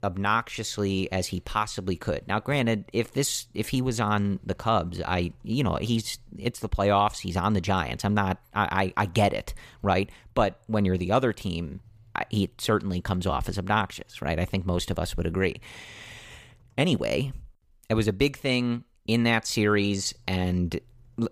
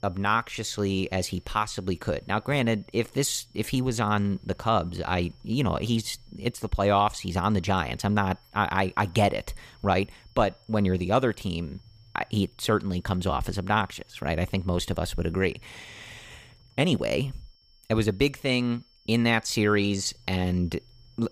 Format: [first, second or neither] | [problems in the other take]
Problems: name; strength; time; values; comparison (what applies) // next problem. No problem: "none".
first | high-pitched whine; faint; throughout; 5.5 kHz, 35 dB below the speech